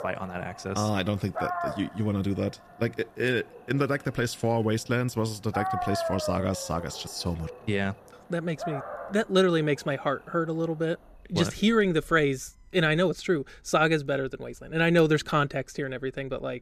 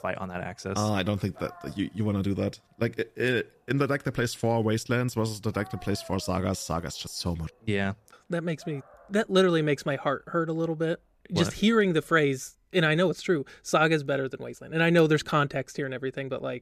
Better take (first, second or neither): second